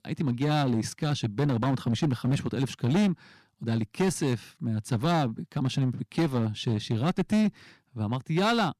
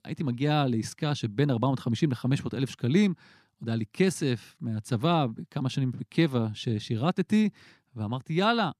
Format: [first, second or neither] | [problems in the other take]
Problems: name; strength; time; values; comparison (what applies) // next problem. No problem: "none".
second | distortion; slight; 9% of the sound clipped